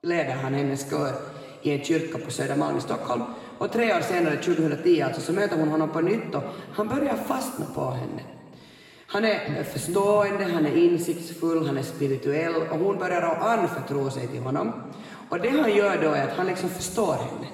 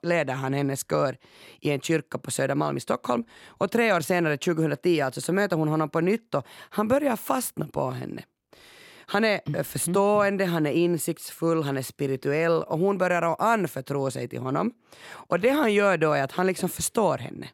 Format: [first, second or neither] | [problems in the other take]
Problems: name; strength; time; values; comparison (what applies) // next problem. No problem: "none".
second | room echo; noticeable; dies away in 1.7 s // off-mic speech; far